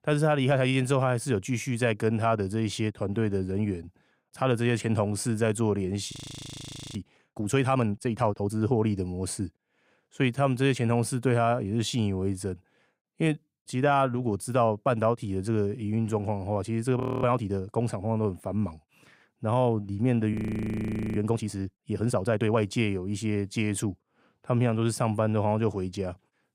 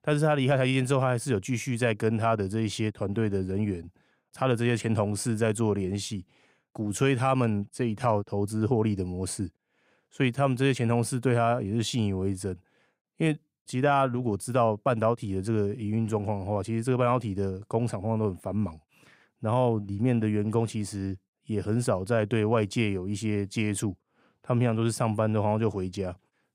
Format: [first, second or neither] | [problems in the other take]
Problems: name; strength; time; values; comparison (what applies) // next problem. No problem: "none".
second | audio freezing; at 6 s for 1 s, at 17 s and at 20 s for 1 s